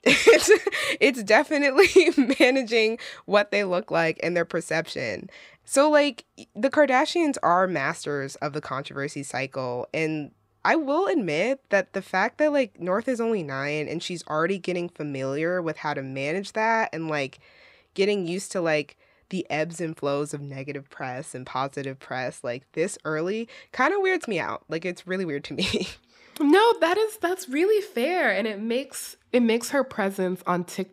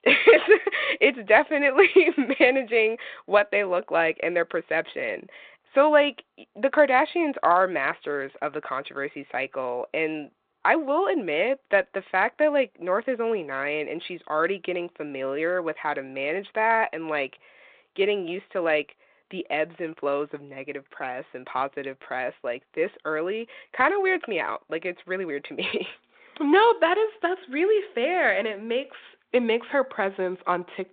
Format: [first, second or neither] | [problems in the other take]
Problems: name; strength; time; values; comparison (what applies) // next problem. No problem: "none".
first | phone-call audio; nothing above 3.5 kHz